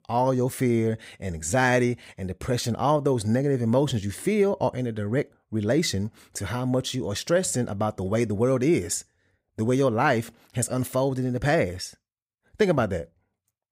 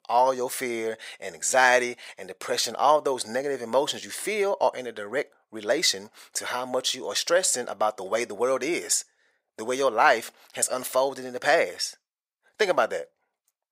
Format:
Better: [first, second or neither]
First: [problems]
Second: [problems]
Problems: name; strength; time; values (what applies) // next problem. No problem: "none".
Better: first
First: none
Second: thin; very; fading below 700 Hz